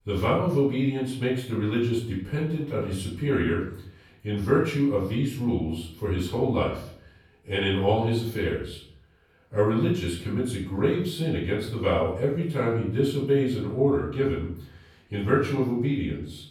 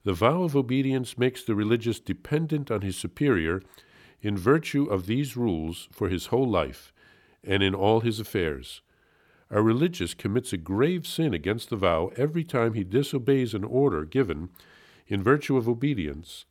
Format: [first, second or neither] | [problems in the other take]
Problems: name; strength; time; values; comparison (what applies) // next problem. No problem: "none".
second | room echo; noticeable; dies away in 0.6 s // off-mic speech; far